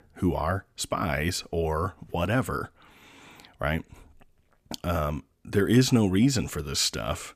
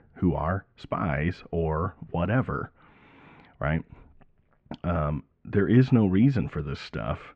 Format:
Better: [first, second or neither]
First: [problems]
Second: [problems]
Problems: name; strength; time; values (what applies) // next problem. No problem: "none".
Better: first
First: none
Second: muffled; very; fading above 2.5 kHz